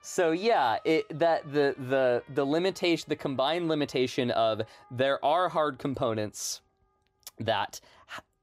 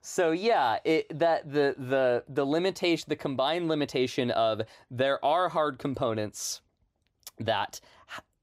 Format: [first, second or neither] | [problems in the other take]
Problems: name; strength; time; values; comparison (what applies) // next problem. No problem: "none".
second | background music; faint; throughout; 30 dB below the speech